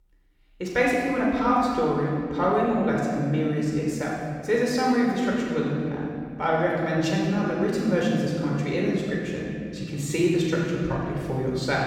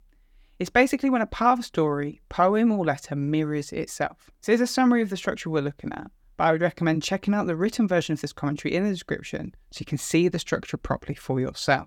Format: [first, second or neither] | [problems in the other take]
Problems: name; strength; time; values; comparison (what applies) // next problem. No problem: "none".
second | room echo; strong; dies away in 2.5 s // off-mic speech; far